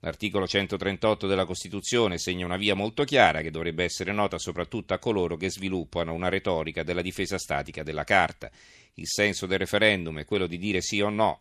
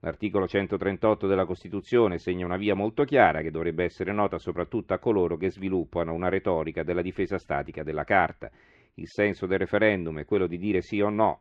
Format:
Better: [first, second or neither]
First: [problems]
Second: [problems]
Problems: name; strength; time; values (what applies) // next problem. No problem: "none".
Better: first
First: none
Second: muffled; very; fading above 1.5 kHz